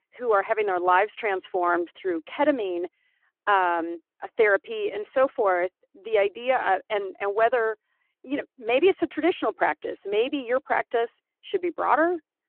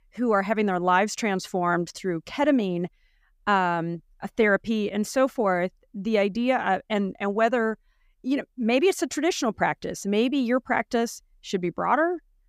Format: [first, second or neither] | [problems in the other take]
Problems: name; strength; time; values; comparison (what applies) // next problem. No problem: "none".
second | phone-call audio